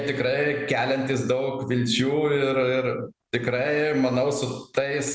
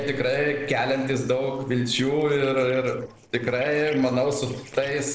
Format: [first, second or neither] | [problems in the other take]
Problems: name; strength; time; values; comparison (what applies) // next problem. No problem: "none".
first | noise reduction (neural separator model SepFormer DNS4)